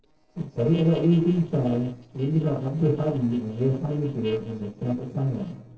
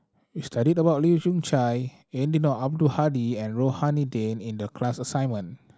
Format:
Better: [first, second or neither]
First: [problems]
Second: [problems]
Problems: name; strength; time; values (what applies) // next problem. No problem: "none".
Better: second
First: noise reduction (neural separator model SepFormer DNS4)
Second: none